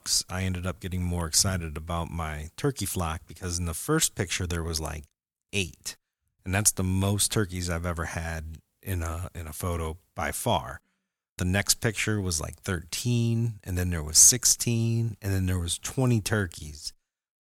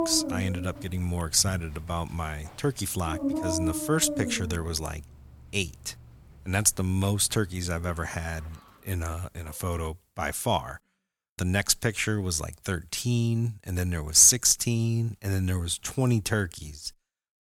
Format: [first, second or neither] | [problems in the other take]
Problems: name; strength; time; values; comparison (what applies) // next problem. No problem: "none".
first | animal sounds; loud; until 9 s; 7 dB below the speech